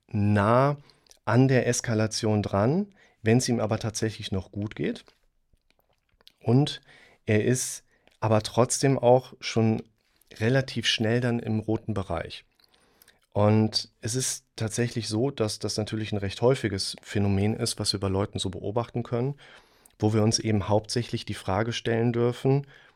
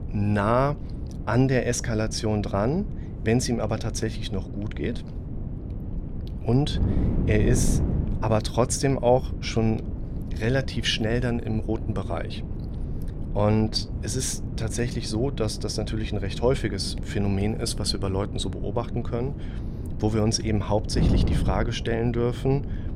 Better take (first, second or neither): first